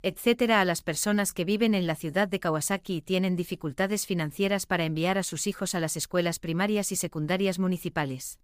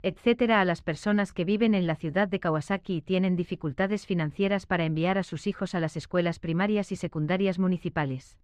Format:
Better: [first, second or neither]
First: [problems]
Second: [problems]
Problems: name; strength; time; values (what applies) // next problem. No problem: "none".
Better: first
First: none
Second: muffled; slightly; fading above 3 kHz